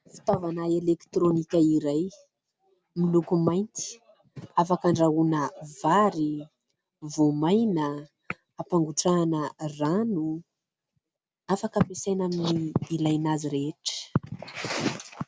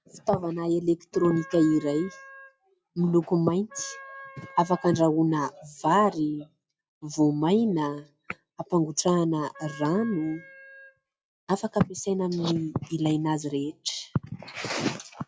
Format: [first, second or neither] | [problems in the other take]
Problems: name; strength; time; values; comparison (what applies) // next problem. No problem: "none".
first | noise reduction (classical method log-MMSE)